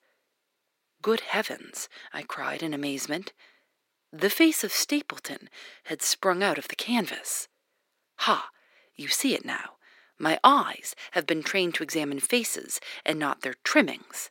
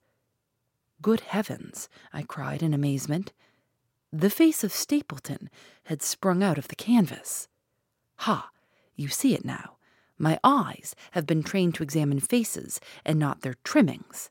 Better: second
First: thin; somewhat; fading below 300 Hz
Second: none

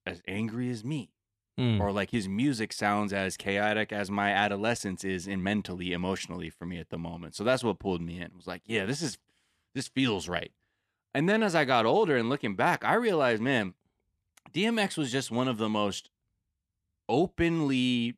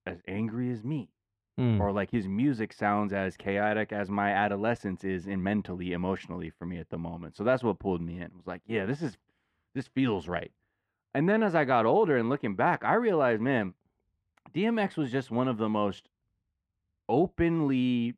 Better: first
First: none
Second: muffled; very; fading above 3 kHz

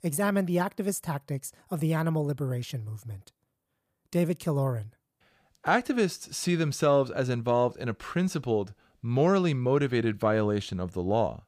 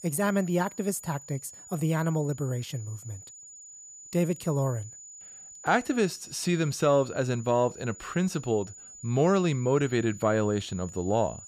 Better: first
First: none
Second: high-pitched whine; noticeable; throughout; 7 kHz, 15 dB below the speech

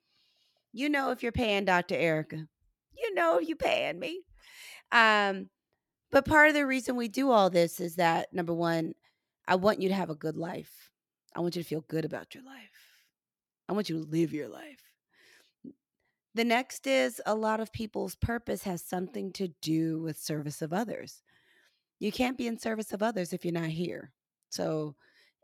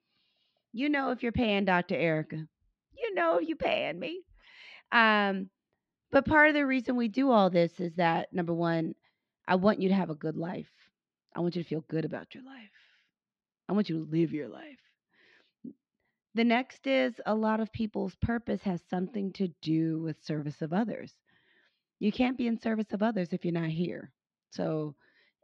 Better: first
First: none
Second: muffled; very slightly; fading above 4 kHz

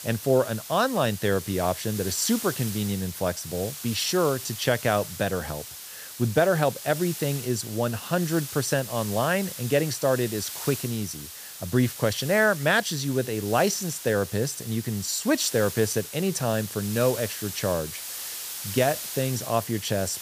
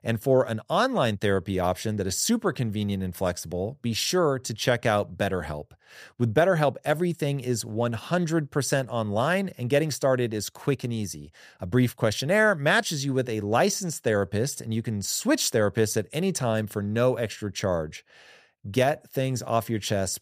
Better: second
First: hiss; loud; throughout; 9 dB below the speech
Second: none

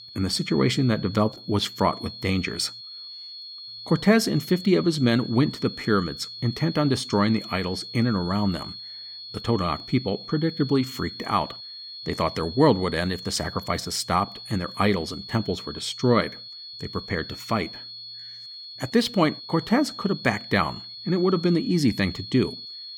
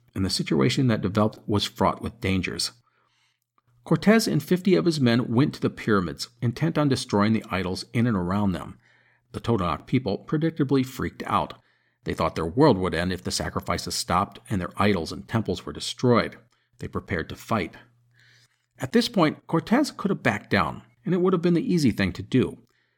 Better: second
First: high-pitched whine; noticeable; throughout; 4.5 kHz, 10 dB below the speech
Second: none

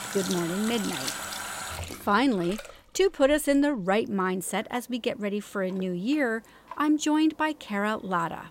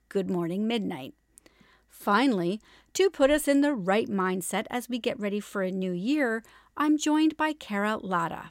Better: second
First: household noises; loud; throughout; 9 dB below the speech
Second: none

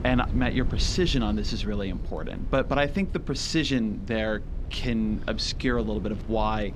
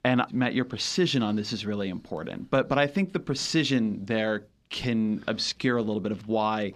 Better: second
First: low rumble; noticeable; throughout; 20 dB below the speech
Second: none

